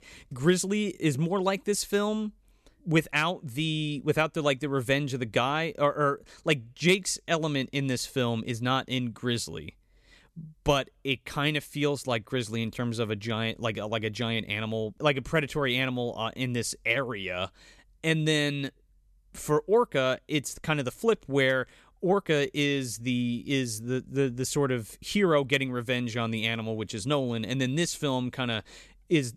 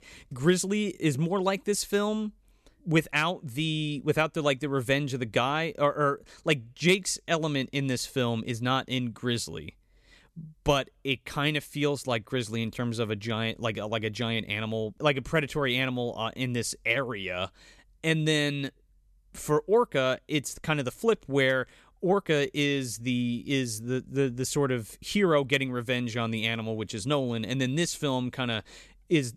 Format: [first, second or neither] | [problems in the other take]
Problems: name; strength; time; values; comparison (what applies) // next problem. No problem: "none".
neither | none